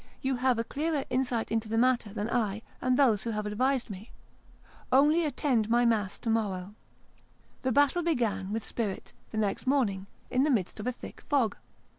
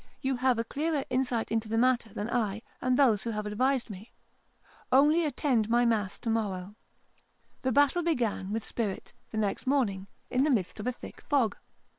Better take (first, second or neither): first